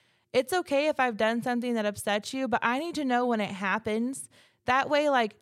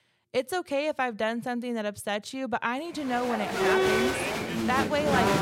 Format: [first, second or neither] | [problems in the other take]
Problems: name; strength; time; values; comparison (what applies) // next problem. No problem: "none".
first | crowd noise; very loud; from 3.5 s on; 3 dB above the speech